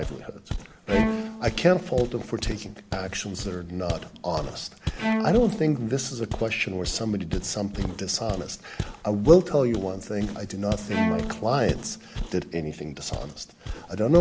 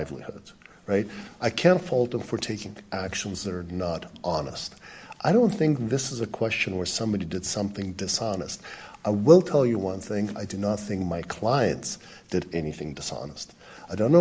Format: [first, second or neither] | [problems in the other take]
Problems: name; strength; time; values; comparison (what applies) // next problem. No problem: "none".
second | background sound (Bowed string instrument + Walk, footsteps); 6 dB below the speech